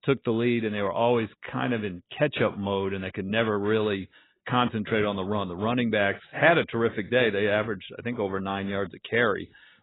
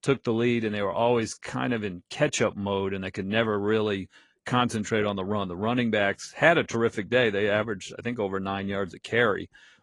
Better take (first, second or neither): second